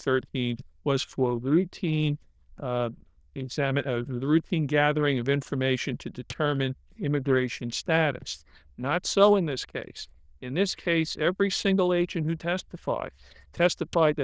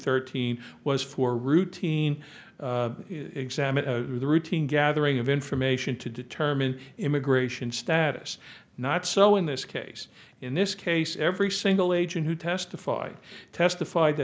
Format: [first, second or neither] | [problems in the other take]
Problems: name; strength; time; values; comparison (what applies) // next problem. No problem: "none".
second | noise reduction (neural diffusion model UNIVERSE++)